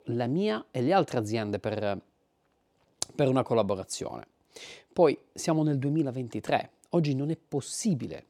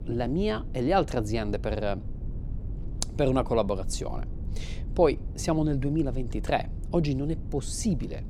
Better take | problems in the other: first | low rumble; faint; throughout; 20 dB below the speech

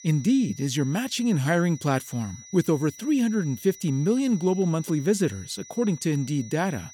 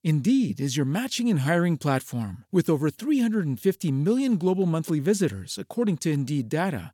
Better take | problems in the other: second | high-pitched whine; noticeable; throughout; 6 kHz, 20 dB below the speech

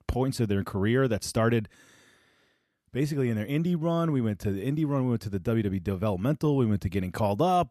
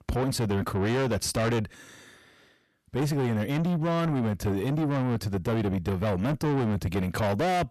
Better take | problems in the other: first | distortion; heavy; 7 dB below the speech

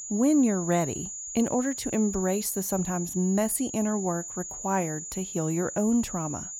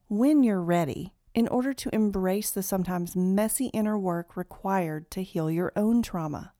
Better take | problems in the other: second | high-pitched whine; loud; throughout; 7 kHz, 8 dB below the speech

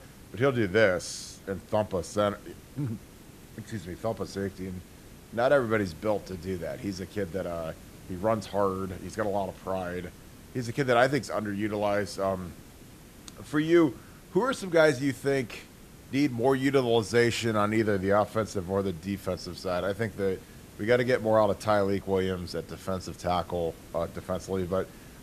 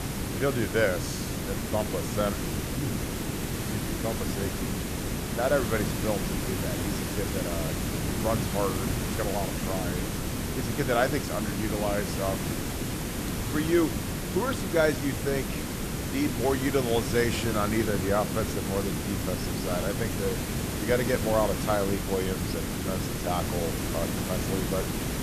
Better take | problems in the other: first | hiss; loud; throughout; 1 dB below the speech; faint in the first

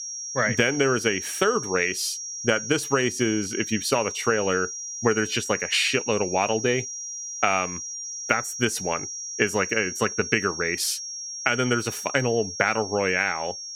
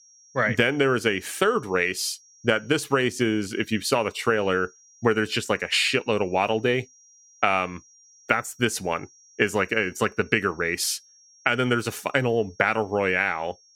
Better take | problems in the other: second | high-pitched whine; loud; throughout; 5.5 kHz, 7 dB below the speech; faint in the second

